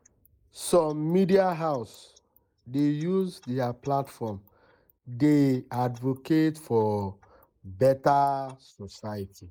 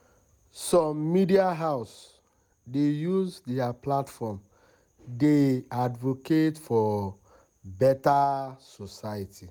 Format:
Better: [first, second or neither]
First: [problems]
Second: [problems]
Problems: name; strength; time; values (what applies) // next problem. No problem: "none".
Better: second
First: noise reduction (neural mask model Resemble Enhance denoiser)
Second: none